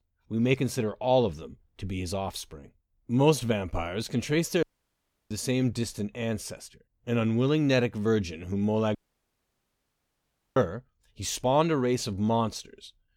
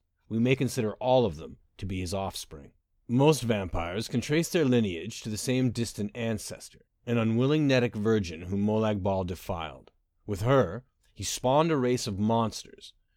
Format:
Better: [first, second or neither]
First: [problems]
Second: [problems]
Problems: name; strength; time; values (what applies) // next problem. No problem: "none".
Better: second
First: audio cutting out; at 4.5 s for 0.5 s and at 9 s for 1.5 s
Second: none